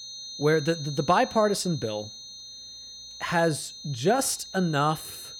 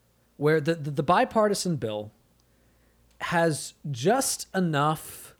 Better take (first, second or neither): second